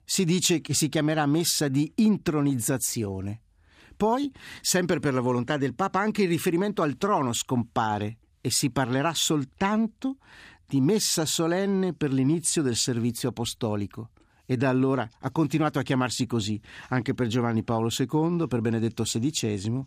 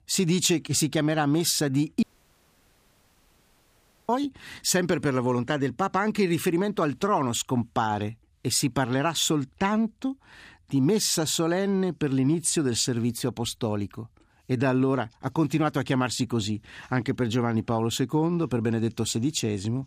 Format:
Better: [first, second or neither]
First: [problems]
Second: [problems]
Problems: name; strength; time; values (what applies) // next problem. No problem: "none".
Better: first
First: none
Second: audio cutting out; at 2 s for 2 s